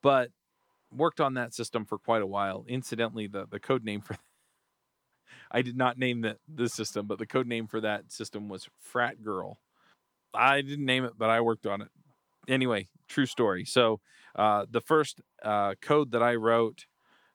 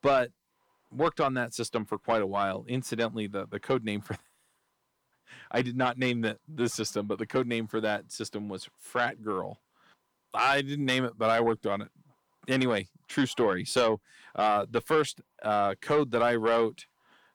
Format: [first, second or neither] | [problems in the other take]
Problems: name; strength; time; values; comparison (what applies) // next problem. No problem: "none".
first | distortion; slight; 10 dB below the speech